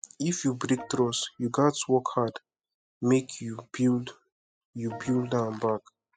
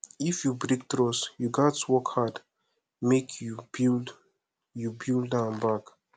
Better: second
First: noise reduction (classical method spectral subtraction)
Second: none

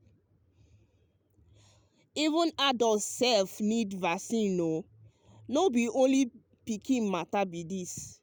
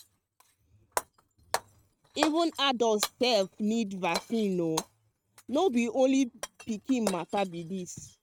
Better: first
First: none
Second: noise reduction (neural mask model RNNoise)

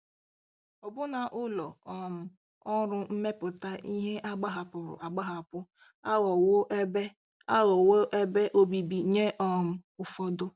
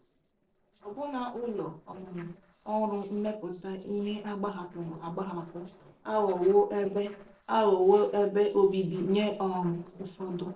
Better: first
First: none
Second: noise reduction (neural separator model SepFormer DNS4)

